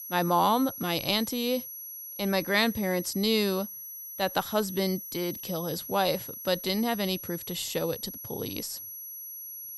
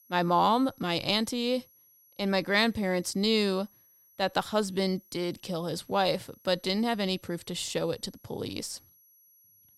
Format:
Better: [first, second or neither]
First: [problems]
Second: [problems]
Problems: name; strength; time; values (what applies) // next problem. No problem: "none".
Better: second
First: high-pitched whine; loud; throughout; 11.5 kHz, 9 dB below the speech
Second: high-pitched whine; faint; throughout; 11.5 kHz, 30 dB below the speech